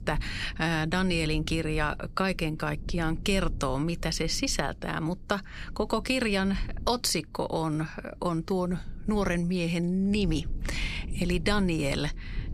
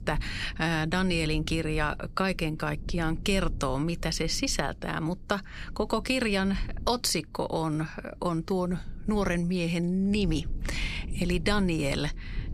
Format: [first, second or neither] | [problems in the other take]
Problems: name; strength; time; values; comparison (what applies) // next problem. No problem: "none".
neither | low rumble; faint; throughout; 25 dB below the speech; the same in both